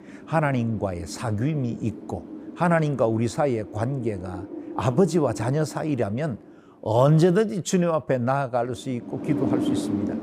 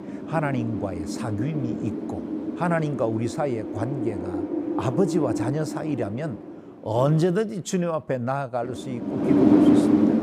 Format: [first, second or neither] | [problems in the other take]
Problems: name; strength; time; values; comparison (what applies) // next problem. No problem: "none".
first | wind noise on the microphone; heavy; as loud as the speech; occasional gusts in the first